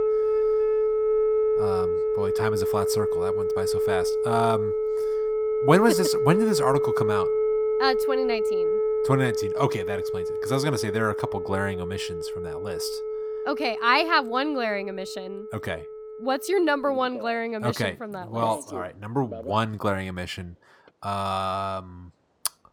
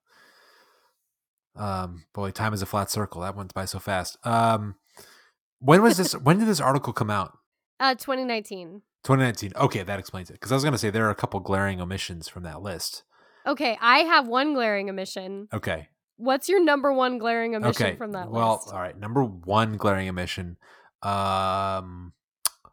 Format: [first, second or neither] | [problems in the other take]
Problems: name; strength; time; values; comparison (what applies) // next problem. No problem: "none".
second | alarms or sirens; very loud; throughout; 1 dB above the speech